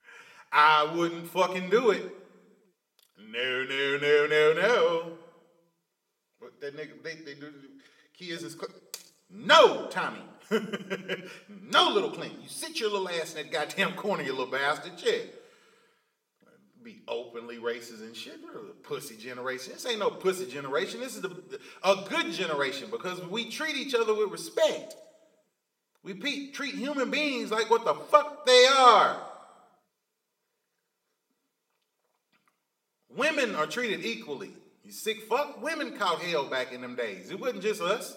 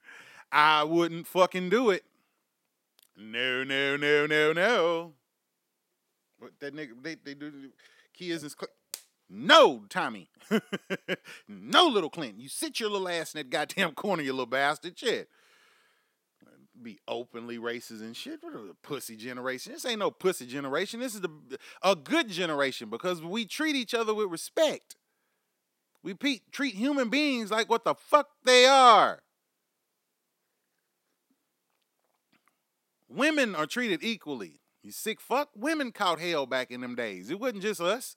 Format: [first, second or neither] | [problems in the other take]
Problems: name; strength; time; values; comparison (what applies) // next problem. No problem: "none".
second | room echo; very slight; dies away in 0.7 s